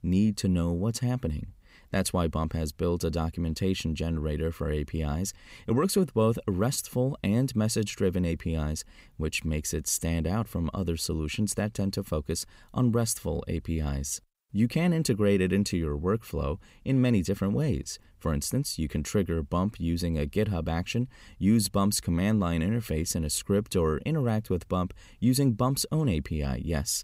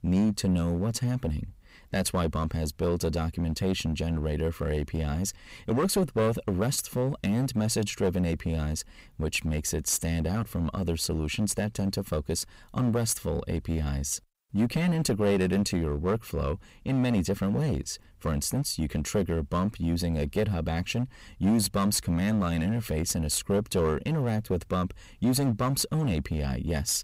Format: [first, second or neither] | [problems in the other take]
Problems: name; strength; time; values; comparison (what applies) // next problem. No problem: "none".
first | distortion; slight; 8% of the sound clipped